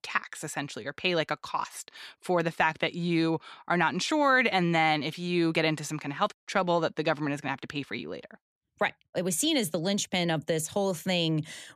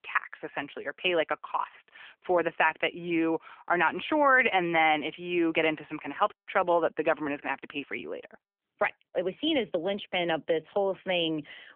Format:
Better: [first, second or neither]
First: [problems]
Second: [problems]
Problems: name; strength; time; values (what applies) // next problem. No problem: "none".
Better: first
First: none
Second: phone-call audio; nothing above 3.5 kHz